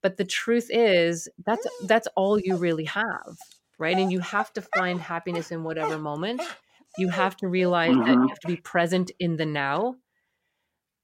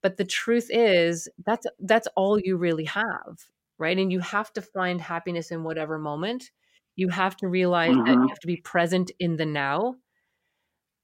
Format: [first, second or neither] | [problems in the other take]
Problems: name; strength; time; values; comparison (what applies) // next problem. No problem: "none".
second | dog barking; noticeable; from 1.5 to 9 s; peak 3 dB below the speech